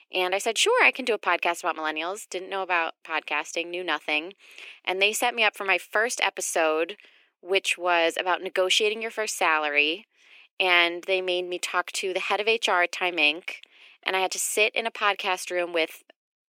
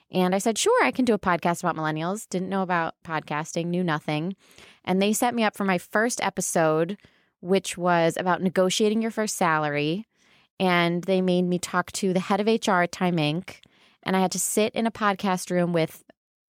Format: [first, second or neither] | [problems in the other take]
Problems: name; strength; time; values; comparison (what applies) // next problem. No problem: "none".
second | thin; very; fading below 350 Hz